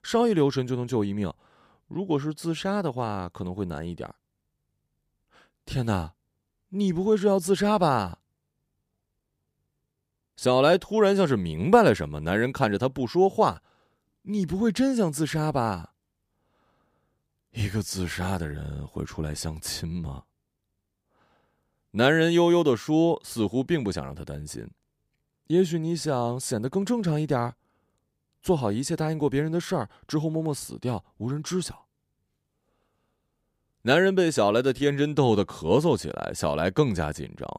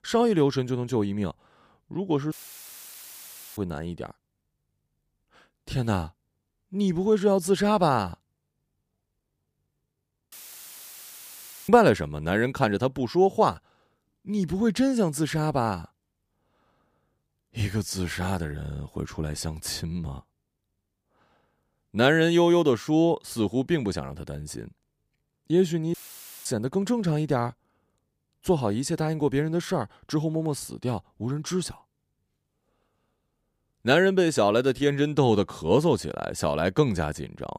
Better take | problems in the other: first | audio cutting out; filled with static; at 2.5 s for 1.5 s, at 10 s for 1.5 s and at 26 s for 0.5 s

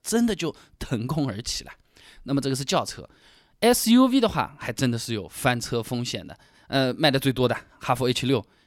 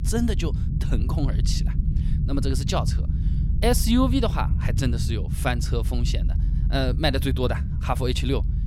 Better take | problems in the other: first | low rumble; noticeable; throughout; 10 dB below the speech

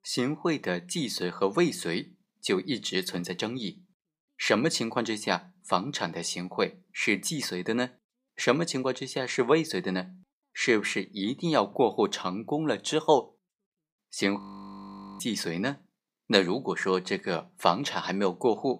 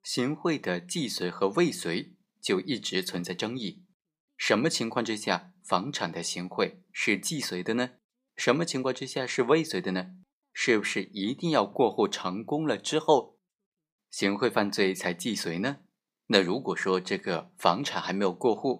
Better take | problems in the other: second | audio freezing; at 14 s for 1 s

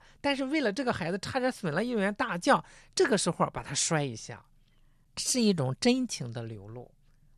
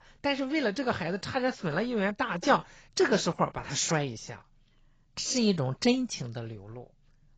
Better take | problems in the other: first | garbled, watery; badly; nothing above 7.5 kHz

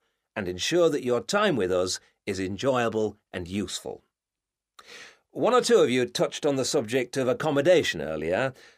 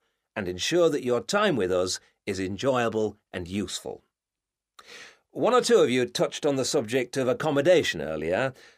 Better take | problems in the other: neither | none

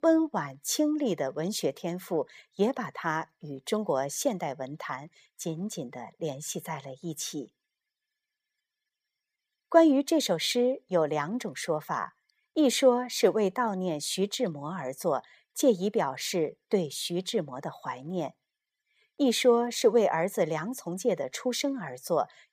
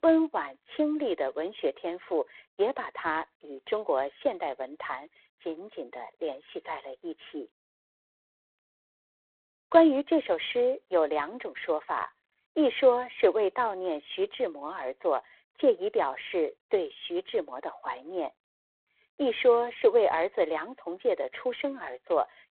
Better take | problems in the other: first | phone-call audio; poor line

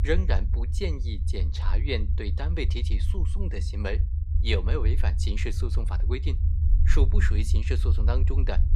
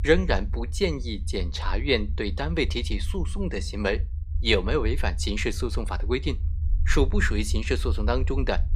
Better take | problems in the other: second | low rumble; loud; throughout; 9 dB below the speech; faint in the second

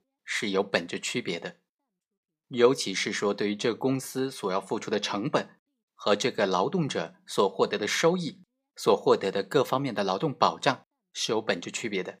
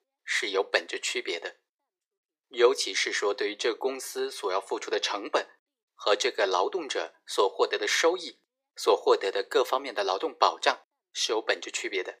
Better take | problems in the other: first | thin; very; fading below 350 Hz

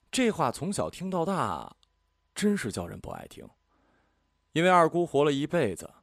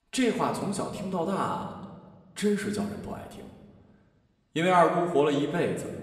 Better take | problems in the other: first | room echo; slight; dies away in 1.1 s // off-mic speech; somewhat distant

